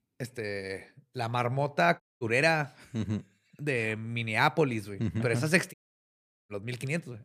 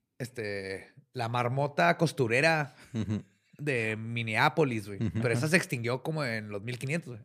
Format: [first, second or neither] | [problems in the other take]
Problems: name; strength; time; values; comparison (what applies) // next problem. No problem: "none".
second | audio cutting out; at 2 s and at 5.5 s for 1 s